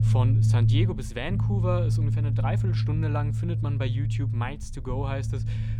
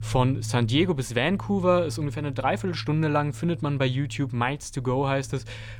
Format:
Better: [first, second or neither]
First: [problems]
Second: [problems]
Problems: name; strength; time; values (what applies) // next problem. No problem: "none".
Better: second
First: low rumble; loud; throughout; 4 dB below the speech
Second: low rumble; faint; throughout; 25 dB below the speech